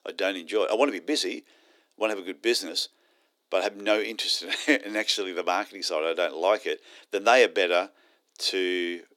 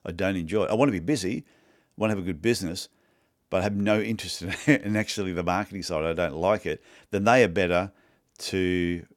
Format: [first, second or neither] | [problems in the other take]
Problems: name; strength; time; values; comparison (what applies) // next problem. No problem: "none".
second | thin; somewhat; fading below 300 Hz